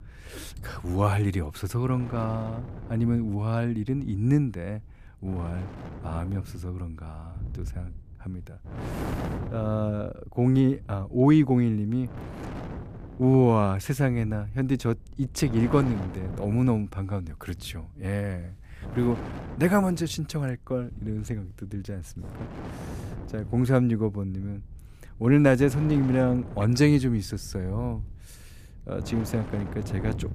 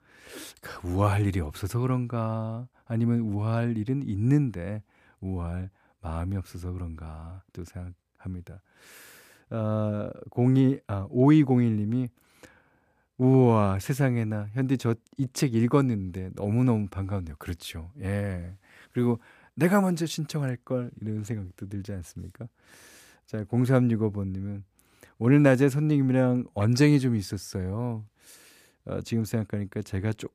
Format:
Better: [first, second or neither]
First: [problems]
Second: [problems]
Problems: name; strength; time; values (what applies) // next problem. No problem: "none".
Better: second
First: wind noise on the microphone; occasional gusts; 15 dB below the speech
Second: none